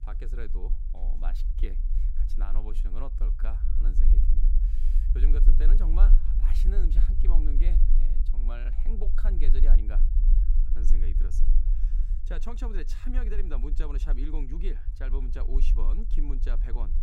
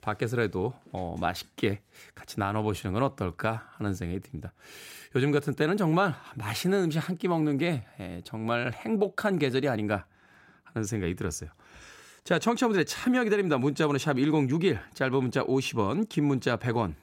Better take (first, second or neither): second